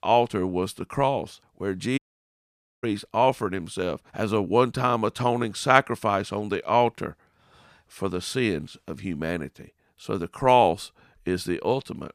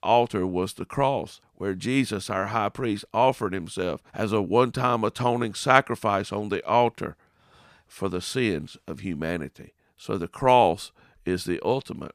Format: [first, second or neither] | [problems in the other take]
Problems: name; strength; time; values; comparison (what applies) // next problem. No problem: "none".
second | audio cutting out; at 2 s for 1 s